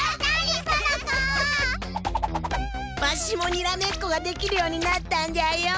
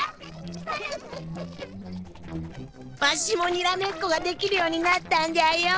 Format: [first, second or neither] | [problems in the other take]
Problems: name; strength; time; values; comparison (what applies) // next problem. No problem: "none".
first | noise reduction (neural separator model SepFormer DNS4)